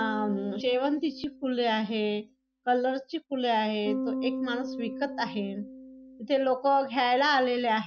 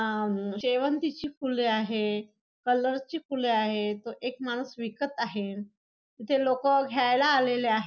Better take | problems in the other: second | noise reduction (neural mask model RNNoise)

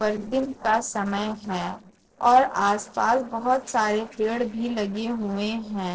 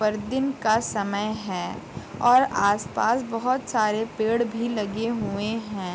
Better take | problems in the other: second | noise reduction (neural separator model SepFormer DNS4)

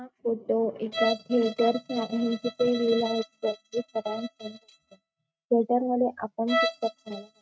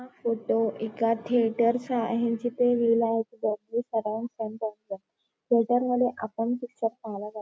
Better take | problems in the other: second | noise reduction (neural mask model RNNoise)

